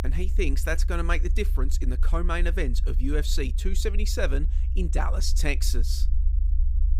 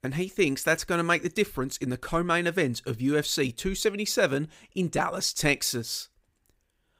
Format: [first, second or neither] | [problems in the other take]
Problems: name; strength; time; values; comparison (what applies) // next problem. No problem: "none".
second | low rumble; noticeable; throughout; 15 dB below the speech